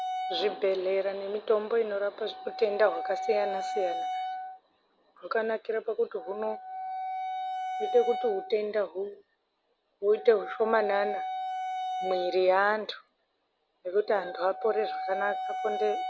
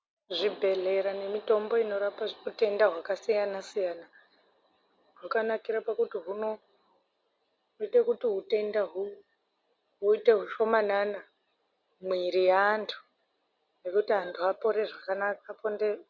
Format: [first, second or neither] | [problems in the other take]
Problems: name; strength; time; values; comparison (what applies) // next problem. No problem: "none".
second | background sound (Wind instrument, woodwind instrument); 7 dB below the speech